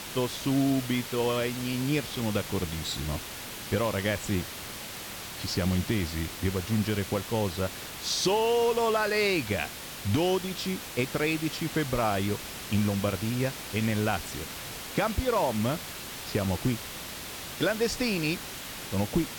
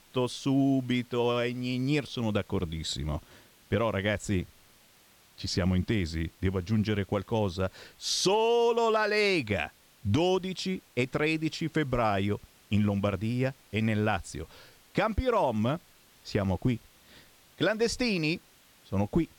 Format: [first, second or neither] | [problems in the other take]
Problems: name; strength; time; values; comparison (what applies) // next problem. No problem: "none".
second | hiss; loud; throughout; 8 dB below the speech; faint in the second